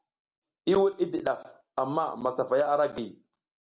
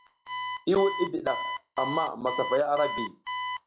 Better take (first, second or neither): first